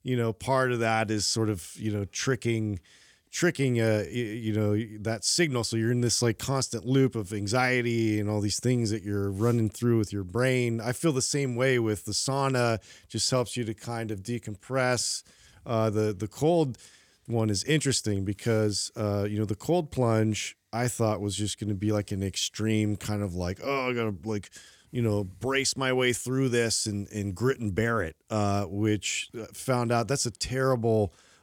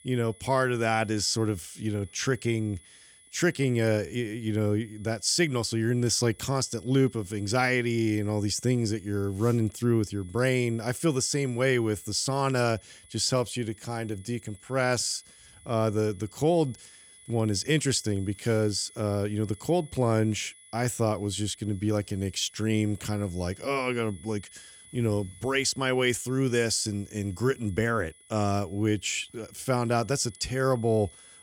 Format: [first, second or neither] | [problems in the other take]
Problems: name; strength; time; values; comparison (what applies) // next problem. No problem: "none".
first | high-pitched whine; faint; throughout; 10 kHz, 25 dB below the speech